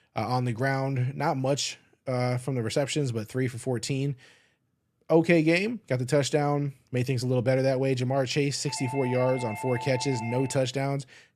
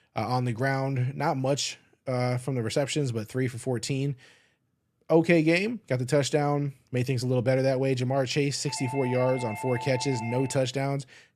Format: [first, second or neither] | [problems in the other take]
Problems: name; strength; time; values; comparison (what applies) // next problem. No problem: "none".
neither | doorbell; noticeable; from 8.5 to 11 s; peak 9 dB below the speech; the same in both